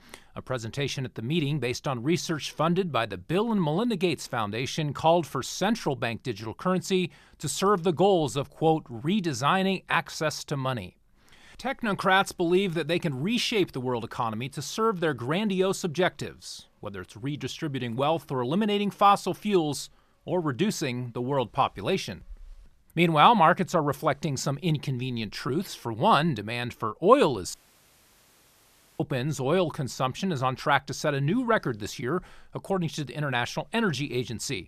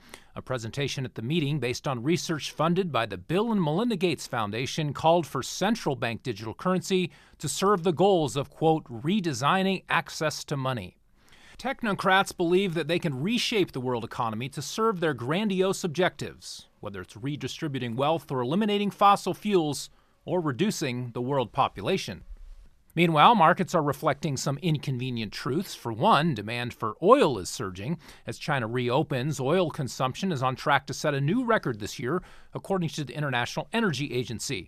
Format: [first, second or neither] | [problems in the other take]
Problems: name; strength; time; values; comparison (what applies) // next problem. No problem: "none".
second | audio cutting out; at 28 s for 1.5 s